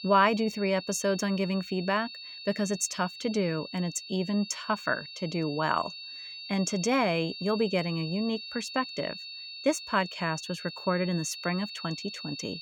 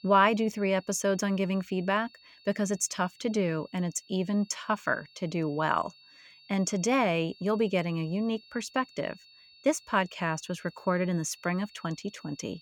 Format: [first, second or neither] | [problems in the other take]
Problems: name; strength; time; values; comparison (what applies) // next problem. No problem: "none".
second | high-pitched whine; loud; throughout; 4.5 kHz, 10 dB below the speech; faint in the second